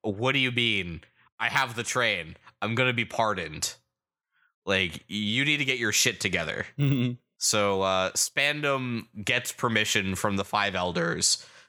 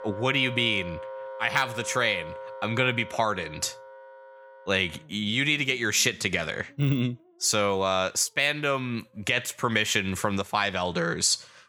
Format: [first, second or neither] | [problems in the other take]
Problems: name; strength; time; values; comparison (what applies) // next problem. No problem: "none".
first | background music; noticeable; throughout; 15 dB below the speech